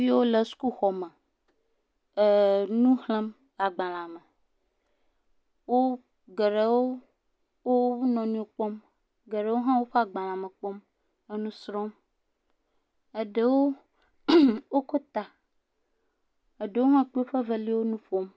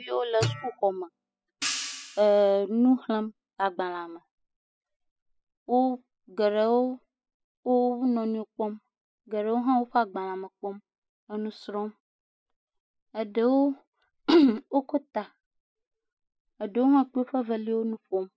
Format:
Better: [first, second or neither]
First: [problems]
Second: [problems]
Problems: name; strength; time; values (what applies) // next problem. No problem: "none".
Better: first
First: none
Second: noise reduction (classical method spectral subtraction)